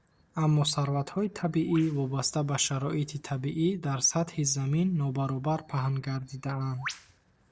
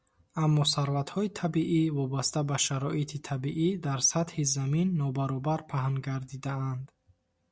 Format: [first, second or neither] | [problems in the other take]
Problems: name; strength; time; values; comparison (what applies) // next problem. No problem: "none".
second | noise reduction (neural separator model SepFormer DNS4)